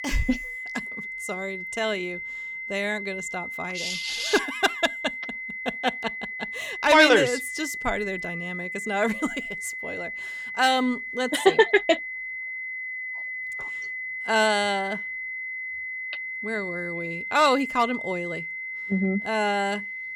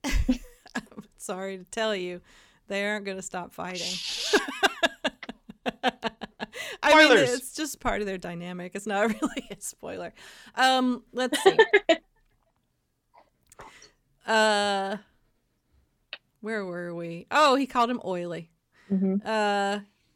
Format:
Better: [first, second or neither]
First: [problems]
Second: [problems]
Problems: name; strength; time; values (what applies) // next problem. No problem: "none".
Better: second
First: high-pitched whine; loud; throughout; 2 kHz, 7 dB below the speech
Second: none